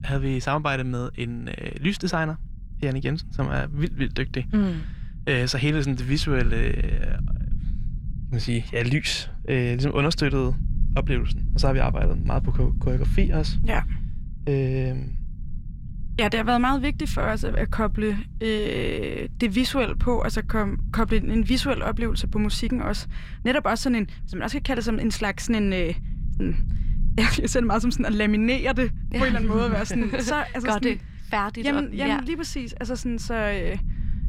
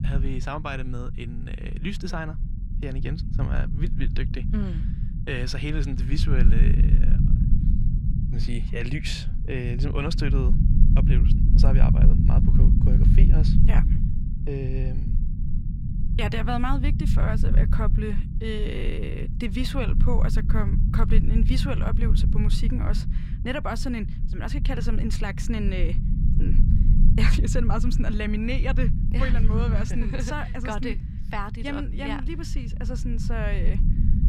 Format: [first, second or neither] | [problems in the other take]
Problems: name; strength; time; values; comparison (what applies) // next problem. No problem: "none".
first | low rumble; loud; throughout; 5 dB below the speech; faint in the first